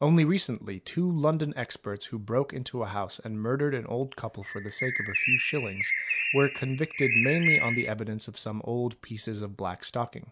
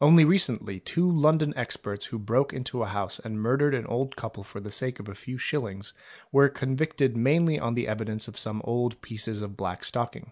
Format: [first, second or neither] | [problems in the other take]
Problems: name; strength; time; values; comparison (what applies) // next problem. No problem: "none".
second | background sound (Bird); 1 dB above the speech